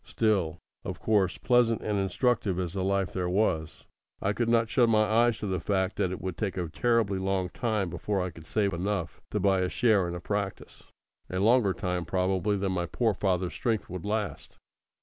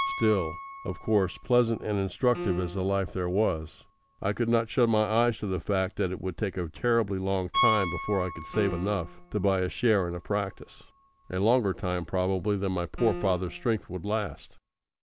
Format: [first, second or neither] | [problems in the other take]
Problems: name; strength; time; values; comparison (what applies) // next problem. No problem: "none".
first | background sound (Piano + Piano); 11 dB below the speech